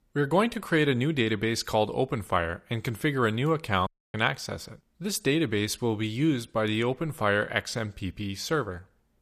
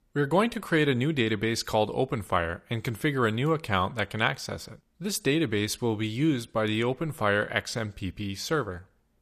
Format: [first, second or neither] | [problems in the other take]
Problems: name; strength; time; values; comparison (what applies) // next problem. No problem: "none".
second | audio cutting out; at 4 s